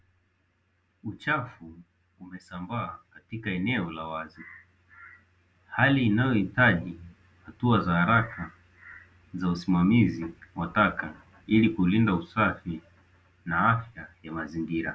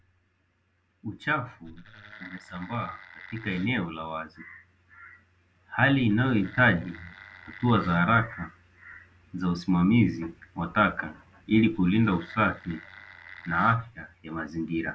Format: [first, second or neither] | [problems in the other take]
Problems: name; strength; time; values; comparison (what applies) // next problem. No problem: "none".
first | background sound (Wood); 19 dB below the speech